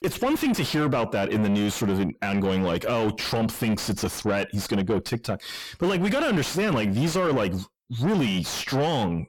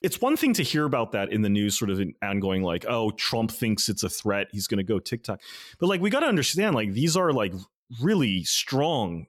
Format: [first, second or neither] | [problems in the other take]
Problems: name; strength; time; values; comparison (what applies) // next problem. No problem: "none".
second | distortion; heavy; 7 dB below the speech